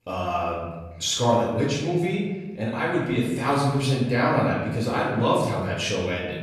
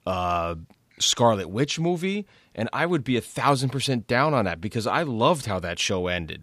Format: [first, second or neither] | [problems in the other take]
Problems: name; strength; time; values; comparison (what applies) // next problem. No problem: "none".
second | off-mic speech; far // room echo; noticeable; dies away in 1.1 s